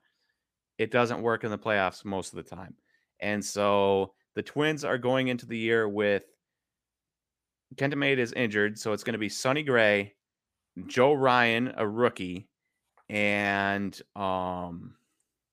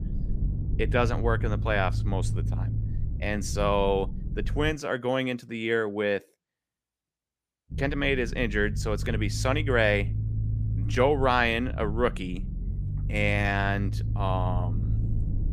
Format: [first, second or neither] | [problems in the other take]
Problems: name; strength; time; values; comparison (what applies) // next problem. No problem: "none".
first | low rumble; noticeable; until 4.5 s and from 7.5 s on; 20 dB below the speech